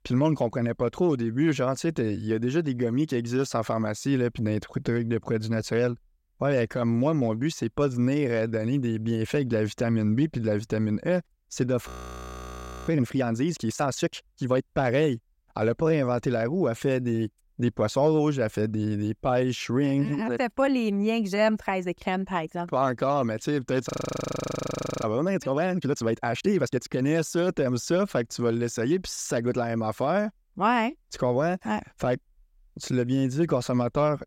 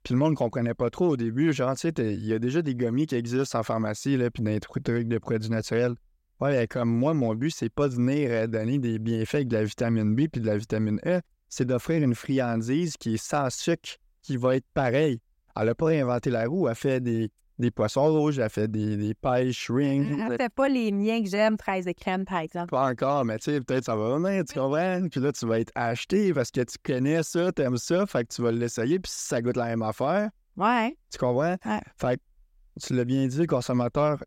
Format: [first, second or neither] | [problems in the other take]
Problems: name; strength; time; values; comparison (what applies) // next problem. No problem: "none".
second | audio freezing; at 12 s for 1 s and at 24 s for 1 s